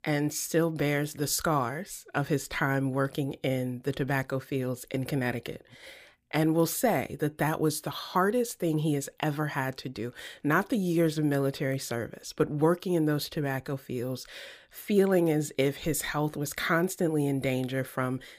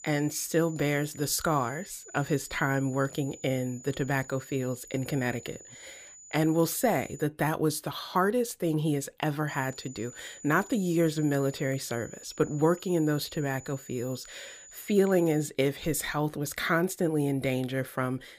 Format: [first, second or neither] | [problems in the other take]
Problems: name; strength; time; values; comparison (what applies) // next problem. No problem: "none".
first | high-pitched whine; noticeable; until 7 s and from 9.5 to 15 s; 7 kHz, 20 dB below the speech